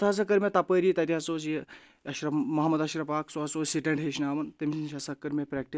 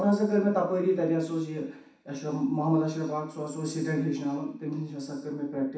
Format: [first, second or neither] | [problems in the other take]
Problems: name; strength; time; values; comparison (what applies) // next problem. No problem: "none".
first | room echo; dies away in 0.7 s